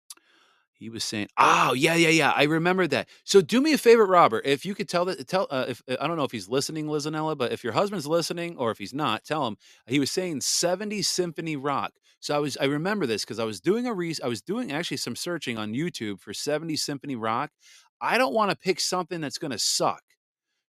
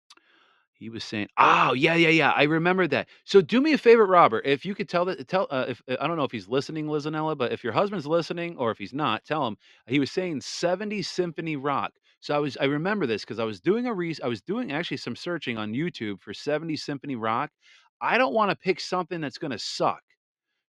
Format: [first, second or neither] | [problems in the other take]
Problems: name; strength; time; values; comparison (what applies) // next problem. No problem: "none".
first | muffled; slightly; fading above 3 kHz